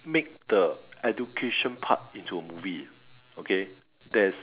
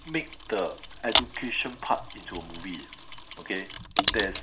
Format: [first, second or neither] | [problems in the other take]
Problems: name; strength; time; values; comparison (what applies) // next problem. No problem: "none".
first | background sound (Mechanisms); as loud as the speech // room echo; dies away in 0.3 s